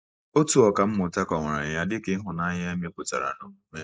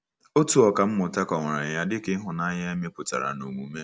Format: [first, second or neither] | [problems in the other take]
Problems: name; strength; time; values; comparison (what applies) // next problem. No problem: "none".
second | noise reduction (neural mask model Resemble Enhance denoiser)